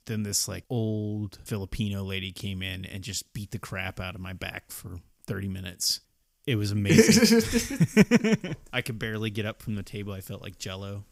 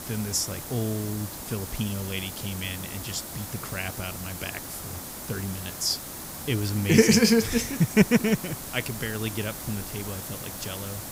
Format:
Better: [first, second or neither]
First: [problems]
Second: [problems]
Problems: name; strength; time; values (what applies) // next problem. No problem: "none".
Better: first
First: none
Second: hiss; loud; throughout; 9 dB below the speech